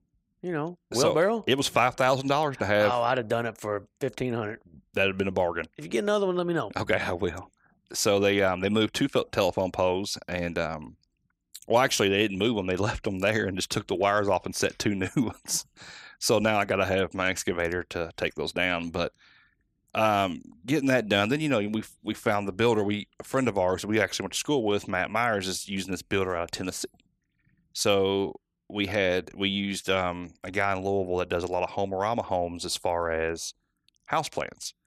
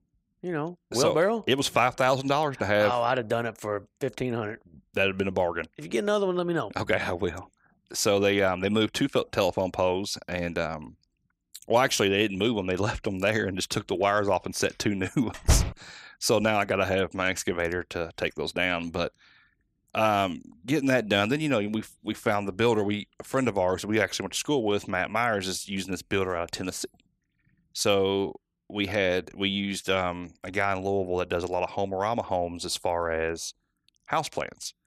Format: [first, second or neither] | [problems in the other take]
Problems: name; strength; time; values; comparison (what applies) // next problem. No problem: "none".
first | door banging; loud; at 15 s; peak 1 dB above the speech